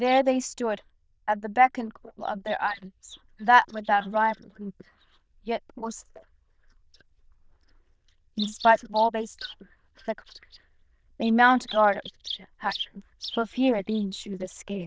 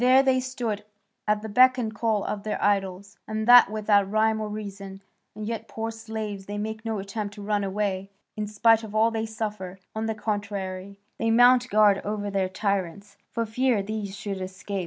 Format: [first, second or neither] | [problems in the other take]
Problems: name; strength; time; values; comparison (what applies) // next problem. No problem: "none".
second | noise reduction (neural diffusion model UNIVERSE++)